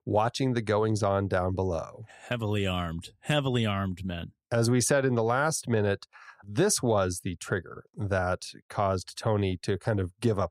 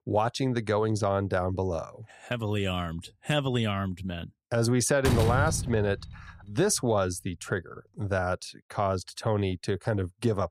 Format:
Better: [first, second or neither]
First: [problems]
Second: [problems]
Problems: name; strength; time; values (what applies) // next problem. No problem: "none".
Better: first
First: none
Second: door banging; loud; from 5 to 6 s; peak 2 dB above the speech